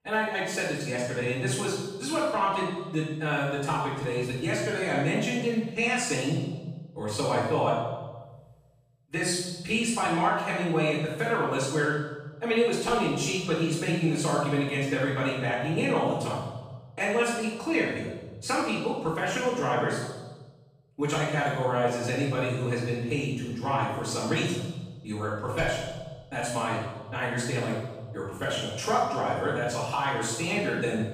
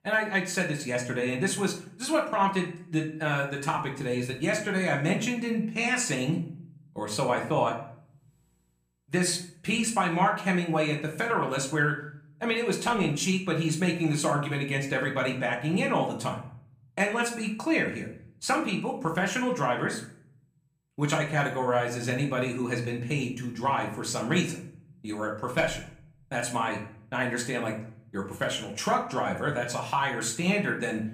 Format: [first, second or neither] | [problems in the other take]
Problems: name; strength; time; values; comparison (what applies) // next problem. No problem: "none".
second | room echo; strong; dies away in 1.2 s; slight in the second // off-mic speech; far; somewhat distant in the second